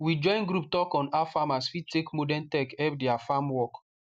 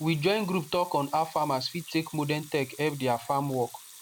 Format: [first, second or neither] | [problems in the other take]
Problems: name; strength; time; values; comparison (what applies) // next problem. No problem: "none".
first | background sound (Sink (filling or washing) / Water tap, faucet / Liquid); 20 dB below the speech